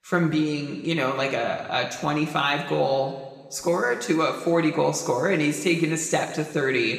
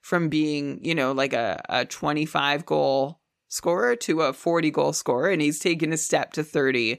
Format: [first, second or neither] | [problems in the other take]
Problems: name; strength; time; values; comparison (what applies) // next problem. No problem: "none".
second | room echo; noticeable; dies away in 1.6 s // off-mic speech; somewhat distant